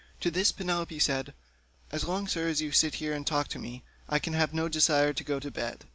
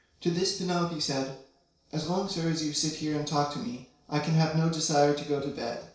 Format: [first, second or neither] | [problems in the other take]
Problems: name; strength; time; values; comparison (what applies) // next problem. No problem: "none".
first | noise reduction (neural separator model SepFormer DNS4)